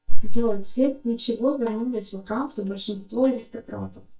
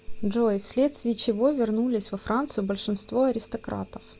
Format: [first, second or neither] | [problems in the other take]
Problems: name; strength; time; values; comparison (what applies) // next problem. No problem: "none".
second | noise reduction (neural mask model DeepFilterNet 3)